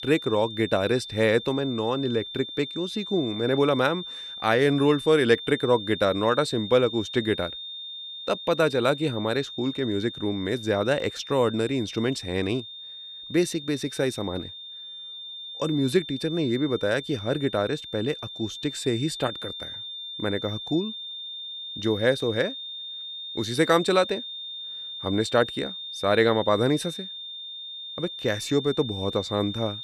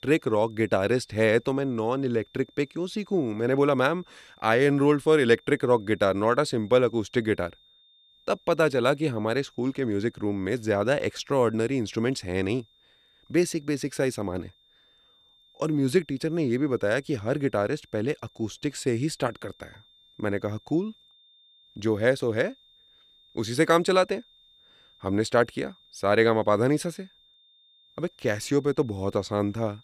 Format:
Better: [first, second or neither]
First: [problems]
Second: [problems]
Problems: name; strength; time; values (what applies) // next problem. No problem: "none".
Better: second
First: high-pitched whine; loud; throughout; 3.5 kHz, 10 dB below the speech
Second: high-pitched whine; faint; throughout; 3.5 kHz, 30 dB below the speech